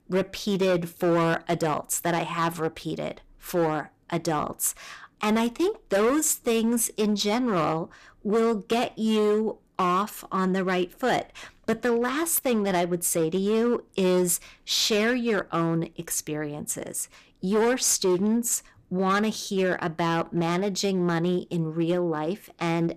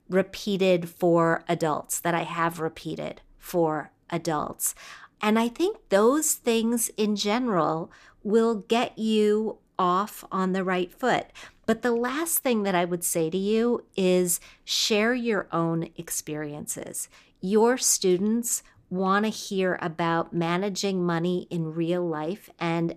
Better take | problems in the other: second | distortion; slight; 9% of the sound clipped

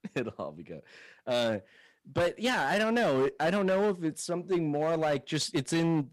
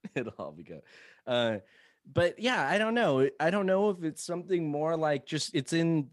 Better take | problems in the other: second | distortion; slight; 10% of the sound clipped

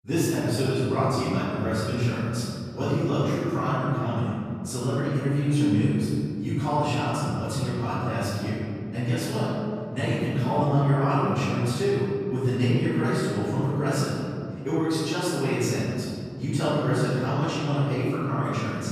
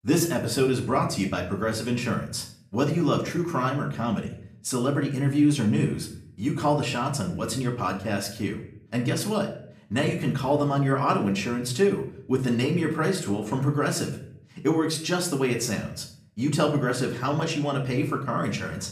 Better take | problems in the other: second | room echo; strong; dies away in 2.5 s; slight in the second // off-mic speech; far; somewhat distant in the second

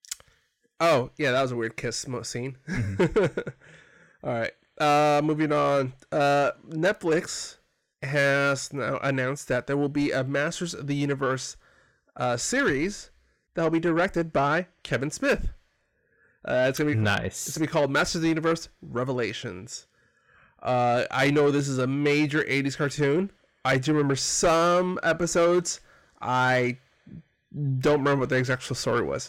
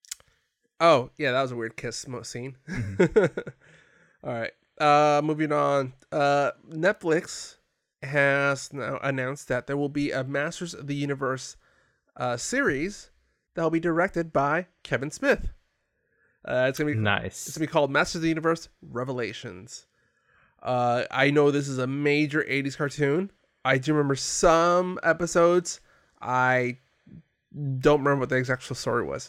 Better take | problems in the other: second | distortion; slight; 10 dB below the speech

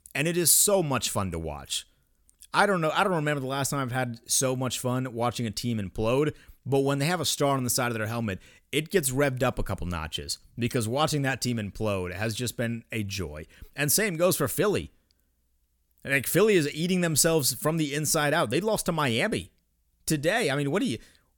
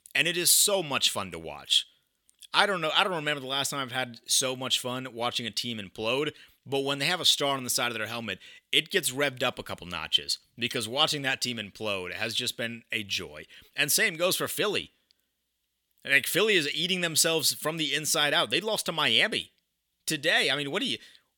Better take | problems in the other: first | thin; very slightly; fading below 350 Hz

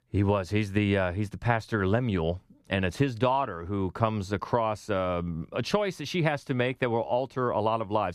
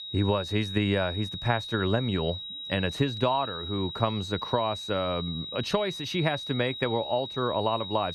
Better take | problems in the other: first | high-pitched whine; loud; throughout; 4 kHz, 7 dB below the speech

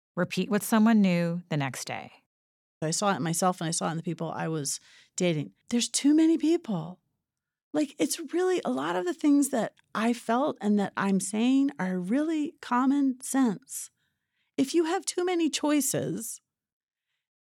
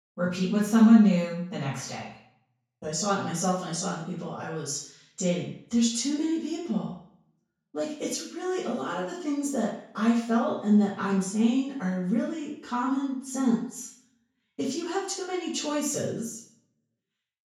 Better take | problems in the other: first | room echo; noticeable; dies away in 0.5 s // off-mic speech; far

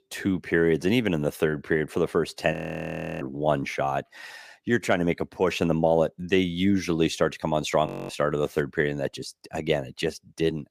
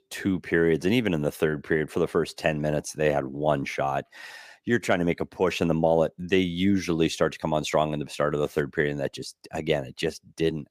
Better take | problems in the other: second | audio freezing; at 2.5 s for 0.5 s and at 8 s

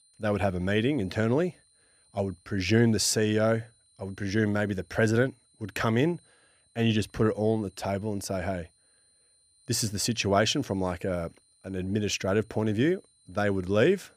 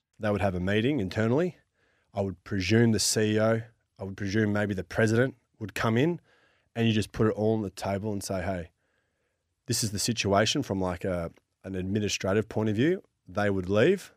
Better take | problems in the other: second | high-pitched whine; faint; throughout; 9 kHz, 35 dB below the speech

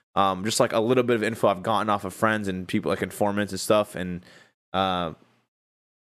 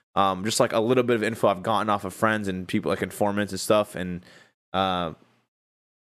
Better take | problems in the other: neither | none

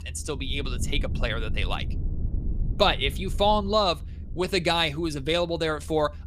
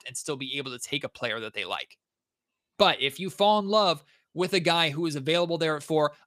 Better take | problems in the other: second | low rumble; faint; throughout; 20 dB below the speech

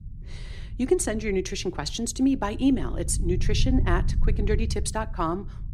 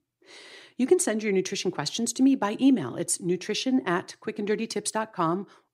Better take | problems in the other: second | low rumble; noticeable; throughout; 20 dB below the speech

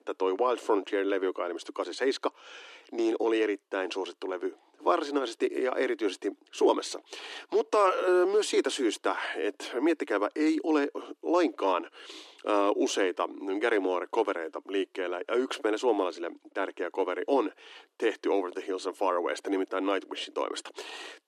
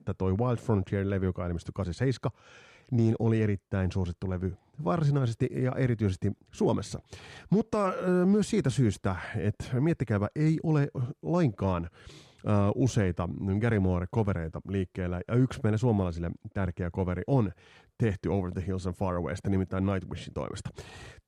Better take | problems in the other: second | thin; very; fading below 300 Hz

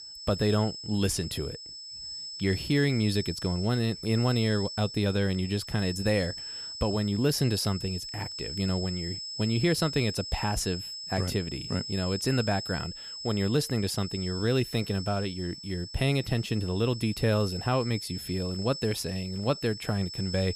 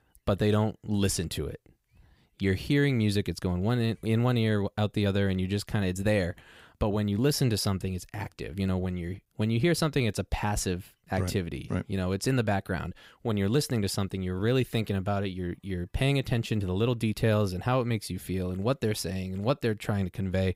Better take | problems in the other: second | high-pitched whine; loud; throughout; 5.5 kHz, 8 dB below the speech

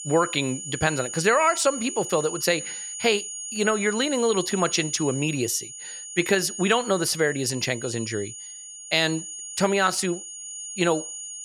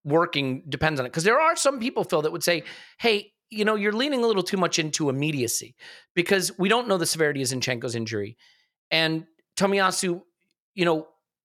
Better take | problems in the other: second | high-pitched whine; loud; throughout; 7 kHz, 9 dB below the speech

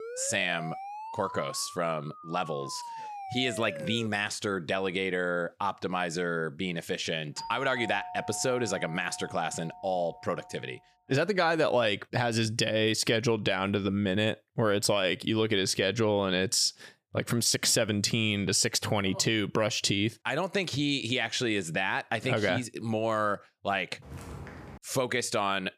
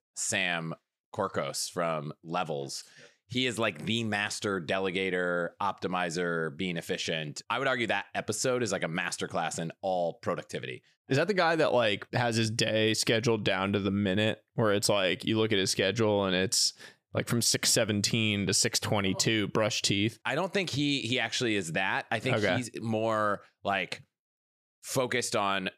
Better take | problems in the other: second | siren; faint; until 4 s; peak 10 dB below the speech // doorbell; faint; from 7.5 to 11 s; peak 10 dB below the speech // footsteps; faint; at 24 s; peak 15 dB below the speech

